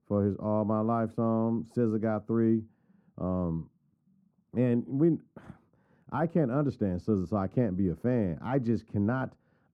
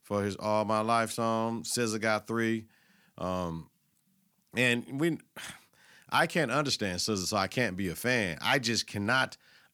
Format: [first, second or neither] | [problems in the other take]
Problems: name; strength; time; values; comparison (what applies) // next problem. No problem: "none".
second | muffled; very; fading above 1 kHz